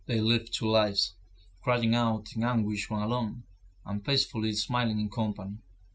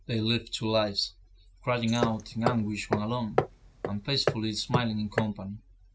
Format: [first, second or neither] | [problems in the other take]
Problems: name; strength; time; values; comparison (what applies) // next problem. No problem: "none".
first | background sound (Hammer); 2 dB below the speech